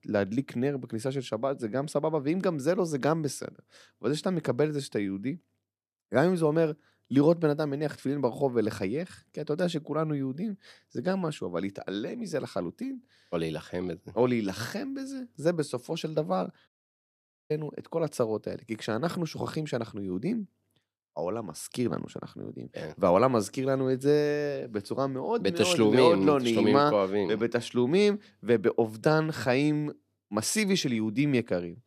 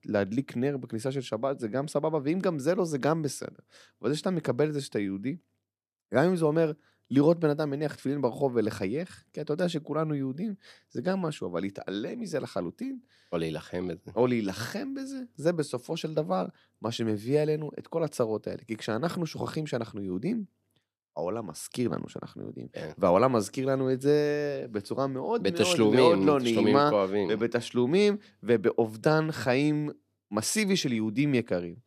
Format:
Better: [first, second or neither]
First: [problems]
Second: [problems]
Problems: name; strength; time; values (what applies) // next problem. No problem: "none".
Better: second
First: audio cutting out; at 17 s for 1 s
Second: none